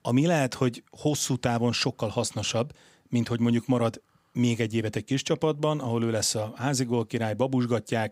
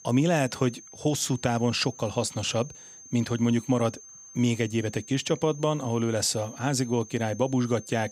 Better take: first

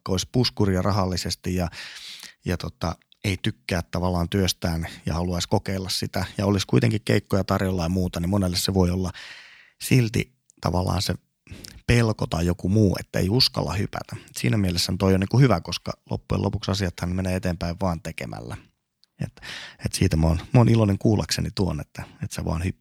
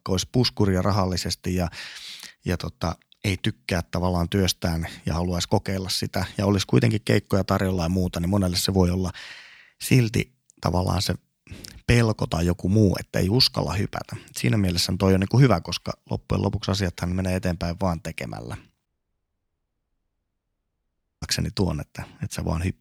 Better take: first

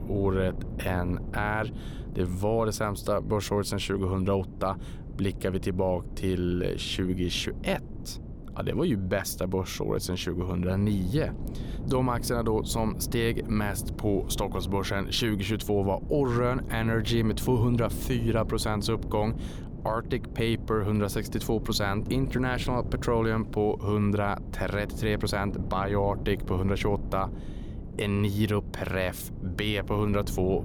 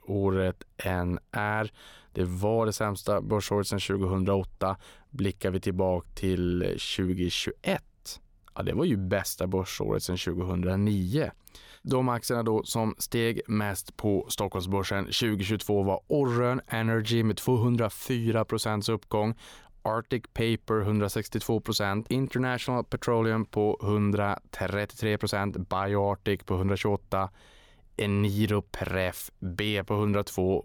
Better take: second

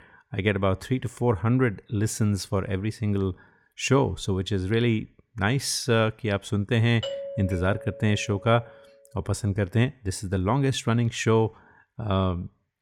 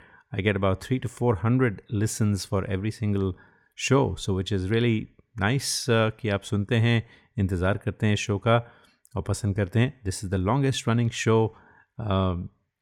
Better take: second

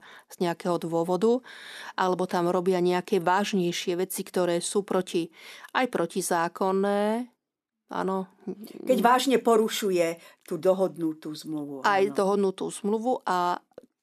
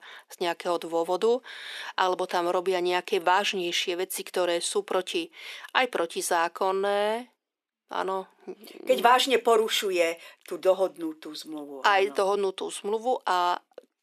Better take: first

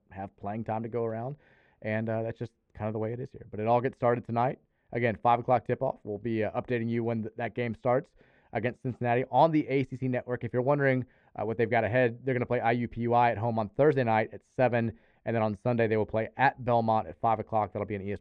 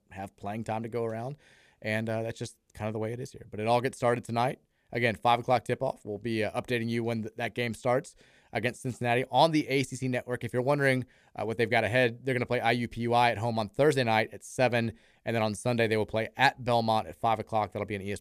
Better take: second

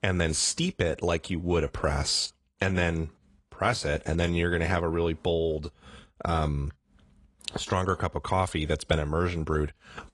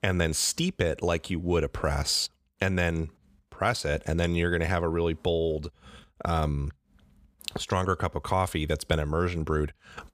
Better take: second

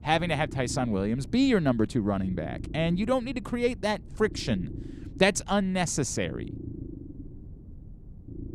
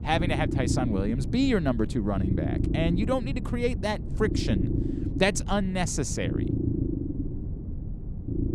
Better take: first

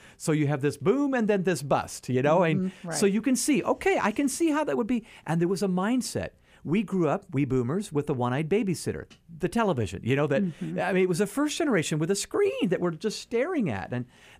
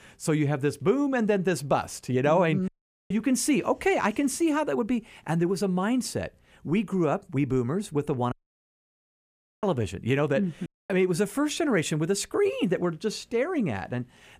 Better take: first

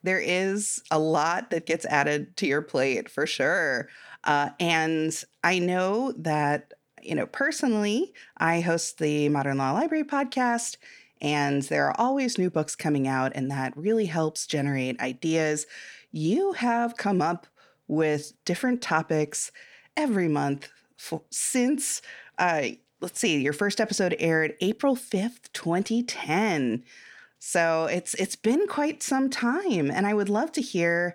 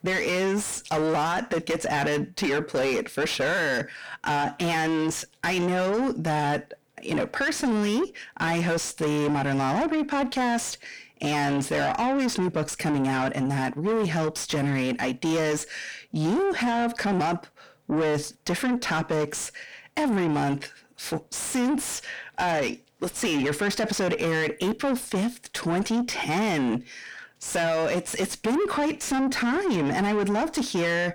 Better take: first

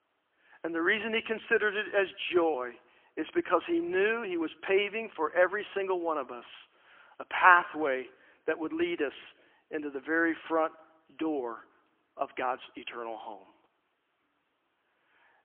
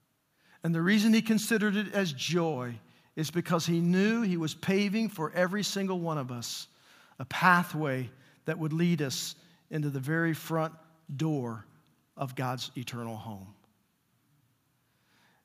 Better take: second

